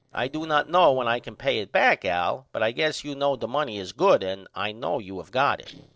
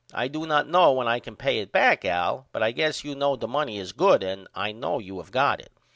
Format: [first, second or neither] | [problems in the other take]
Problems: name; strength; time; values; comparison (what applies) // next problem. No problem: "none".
second | noise reduction (neural separator model SepFormer DNS4)